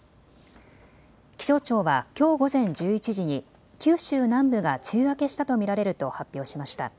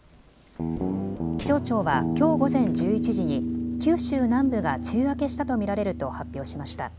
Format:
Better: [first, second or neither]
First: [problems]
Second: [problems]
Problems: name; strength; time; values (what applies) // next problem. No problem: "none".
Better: first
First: none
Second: background sound (Guitar); 2 dB below the speech